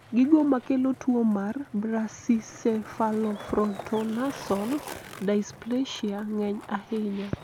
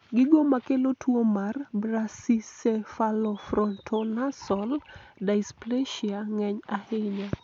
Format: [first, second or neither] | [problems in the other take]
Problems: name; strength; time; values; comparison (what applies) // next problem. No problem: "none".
second | background sound (Skateboard); 18 dB below the speech